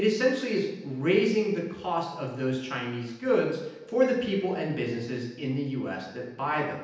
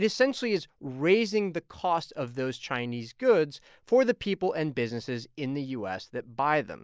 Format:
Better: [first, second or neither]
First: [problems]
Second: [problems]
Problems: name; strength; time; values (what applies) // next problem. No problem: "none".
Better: second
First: room echo; dies away in 0.9 s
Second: none